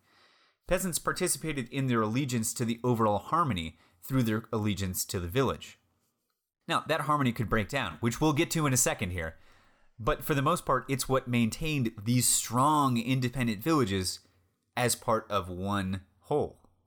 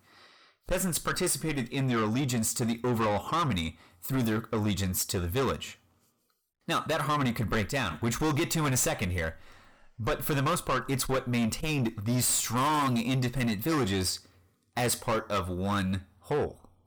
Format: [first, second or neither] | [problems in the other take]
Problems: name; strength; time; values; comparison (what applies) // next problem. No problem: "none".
first | distortion; heavy; 8 dB below the speech